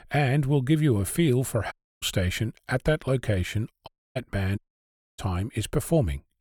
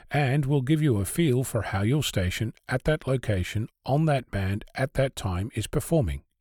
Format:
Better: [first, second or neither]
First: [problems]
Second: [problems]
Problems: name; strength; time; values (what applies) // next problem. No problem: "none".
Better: second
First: audio cutting out; at 1.5 s, at 4 s and at 4.5 s for 0.5 s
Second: none